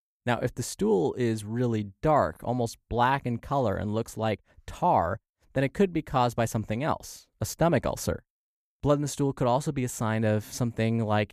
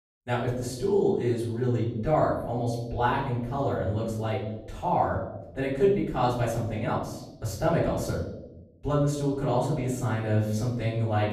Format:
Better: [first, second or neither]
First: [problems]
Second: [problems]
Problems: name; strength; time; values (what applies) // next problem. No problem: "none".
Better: first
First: none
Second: off-mic speech; far // room echo; noticeable; dies away in 1 s